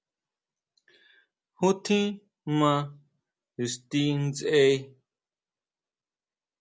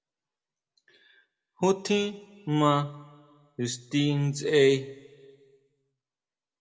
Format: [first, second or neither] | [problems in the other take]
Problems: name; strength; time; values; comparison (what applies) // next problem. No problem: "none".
first | room echo; dies away in 1 s